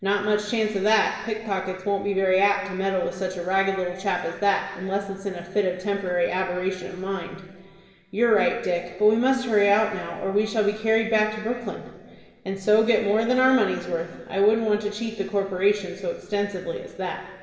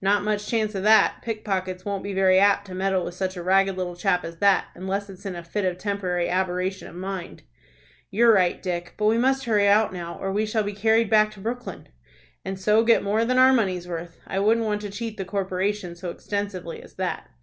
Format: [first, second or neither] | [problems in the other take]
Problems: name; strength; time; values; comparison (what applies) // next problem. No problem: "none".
second | room echo; dies away in 2.1 s